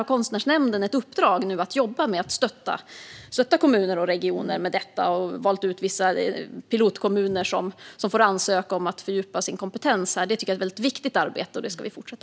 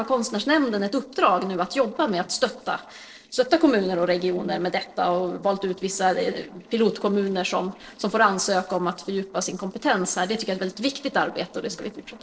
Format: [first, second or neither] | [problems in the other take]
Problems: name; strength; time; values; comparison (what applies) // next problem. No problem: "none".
first | noise reduction (neural separator model SepFormer DNS4)